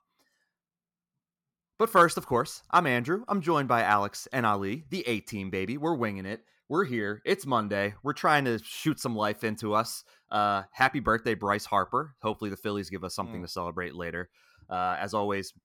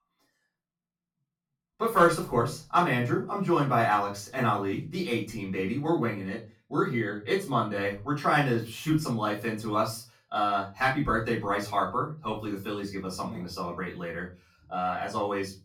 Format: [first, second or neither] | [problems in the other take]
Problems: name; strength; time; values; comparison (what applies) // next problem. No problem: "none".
first | room echo; slight; dies away in 0.3 s // off-mic speech; far